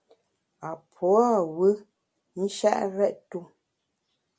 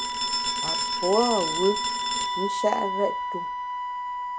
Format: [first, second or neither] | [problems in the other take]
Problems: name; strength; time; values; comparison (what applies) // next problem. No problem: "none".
first | background sound (Telephone + Wind instrument, woodwind instrument); 1 dB above the speech